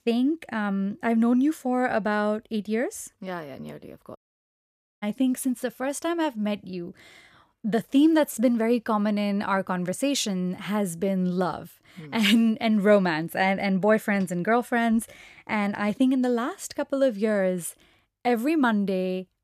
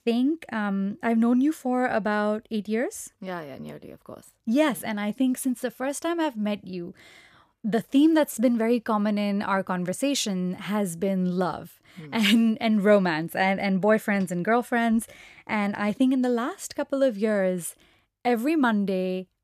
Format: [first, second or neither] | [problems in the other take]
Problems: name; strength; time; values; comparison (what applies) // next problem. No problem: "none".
second | audio cutting out; at 4 s for 1 s